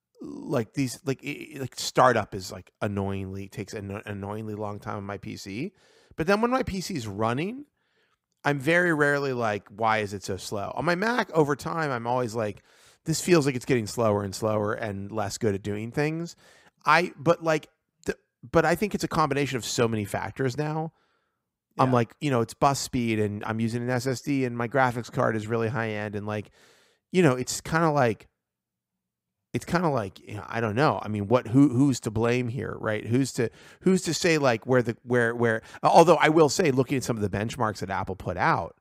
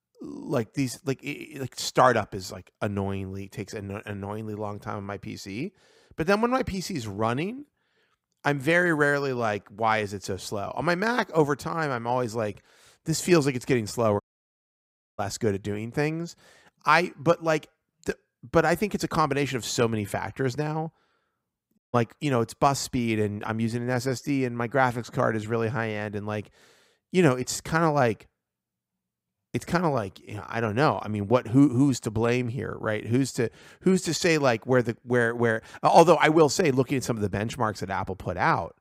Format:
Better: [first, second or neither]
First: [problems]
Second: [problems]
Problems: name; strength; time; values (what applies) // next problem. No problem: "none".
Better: first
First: none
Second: audio cutting out; at 14 s for 1 s and at 22 s